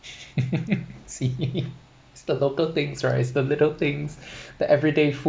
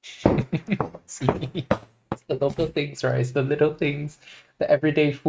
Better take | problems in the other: first | noise reduction (neural mask model RNNoise)

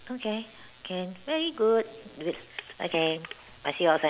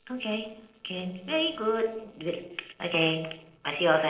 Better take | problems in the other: first | noise reduction (neural separator model SepFormer DNS4)

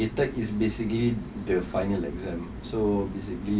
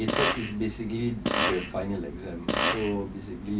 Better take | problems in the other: first | background sound (Fart); as loud as the speech

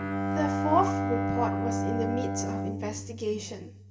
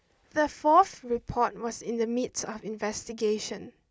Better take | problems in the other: second | background sound (Bowed string instrument); 2 dB above the speech // room echo; dies away in 0.7 s

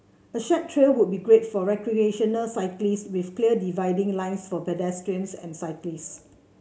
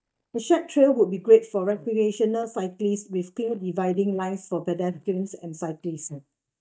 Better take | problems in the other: first | noise reduction (neural mask model DeepFilterNet 3)

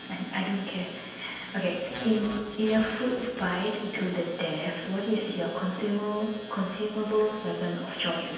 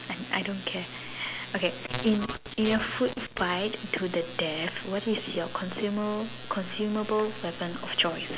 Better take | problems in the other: second | room echo; dies away in 1.2 s

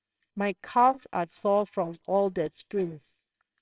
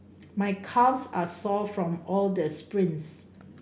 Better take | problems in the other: second | noise reduction (neural separator model SepFormer WHAMR!)

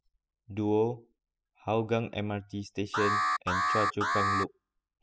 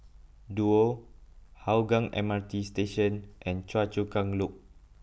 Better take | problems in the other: second | noise reduction (classical method spectral subtraction)

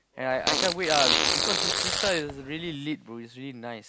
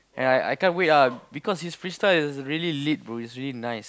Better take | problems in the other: second | background sound (Fart); 4 dB above the speech

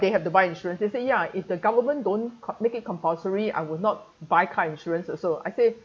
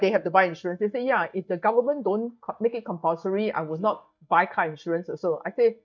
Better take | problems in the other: first | noise reduction (neural mask model DeepFilterNet 3)

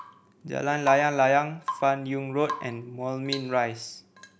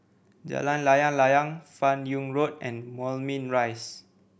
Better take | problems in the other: second | background sound (Drip / Water tap, faucet / Rain); 13 dB below the speech

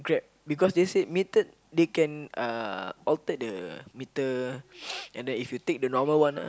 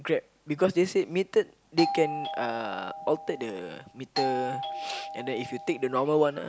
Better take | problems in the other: first | background sound (Doorbell); 7 dB below the speech

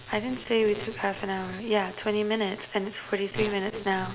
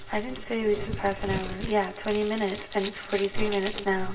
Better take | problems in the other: first | background sound (Crumpling, crinkling); 11 dB below the speech // room echo; dies away in 0.2 s

